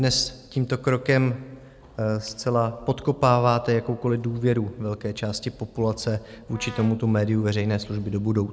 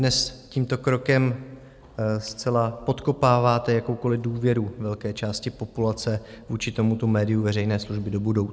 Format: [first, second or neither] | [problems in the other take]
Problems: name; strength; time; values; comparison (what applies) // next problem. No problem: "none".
second | background sound (Brass instrument); 19 dB below the speech